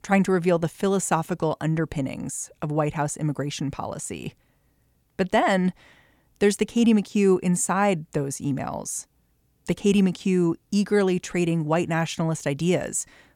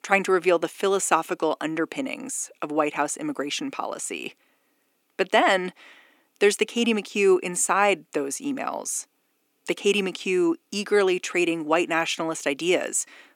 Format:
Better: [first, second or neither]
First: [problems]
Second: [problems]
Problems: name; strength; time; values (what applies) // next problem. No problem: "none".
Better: first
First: none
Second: thin; somewhat; fading below 300 Hz